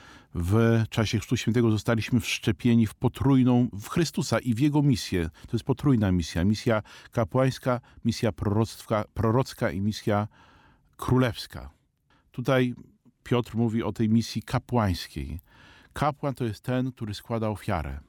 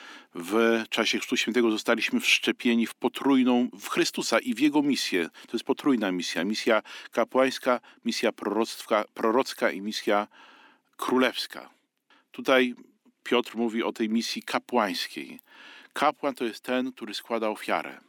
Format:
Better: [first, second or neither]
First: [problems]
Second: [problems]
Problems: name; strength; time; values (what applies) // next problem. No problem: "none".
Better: first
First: none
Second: thin; very slightly; fading below 250 Hz